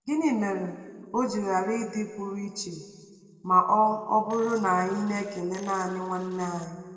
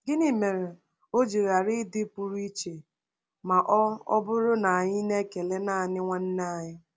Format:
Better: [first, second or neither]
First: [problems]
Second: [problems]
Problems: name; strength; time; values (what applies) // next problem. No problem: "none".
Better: second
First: noise reduction (neural separator model SepFormer DNS4)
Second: none